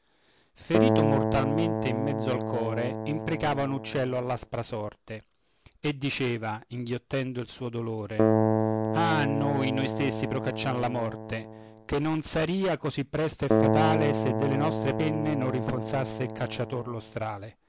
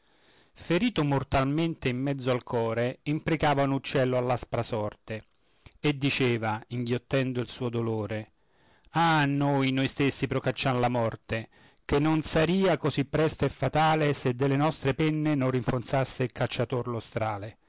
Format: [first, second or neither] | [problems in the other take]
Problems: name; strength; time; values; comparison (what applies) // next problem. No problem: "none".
second | background sound (Keyboard (musical)); 2 dB above the speech